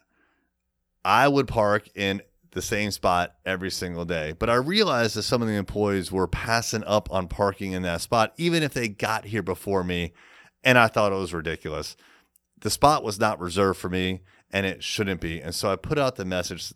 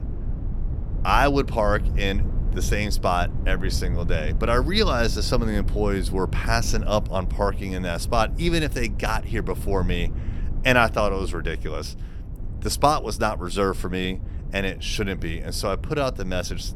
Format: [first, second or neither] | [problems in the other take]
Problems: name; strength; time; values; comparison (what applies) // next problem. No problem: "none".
first | low rumble; noticeable; throughout; 20 dB below the speech